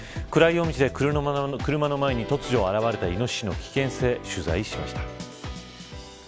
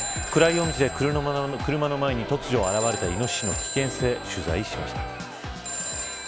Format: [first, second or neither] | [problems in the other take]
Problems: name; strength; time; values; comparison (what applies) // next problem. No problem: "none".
first | background sound (Telephone + Crowd); 7 dB below the speech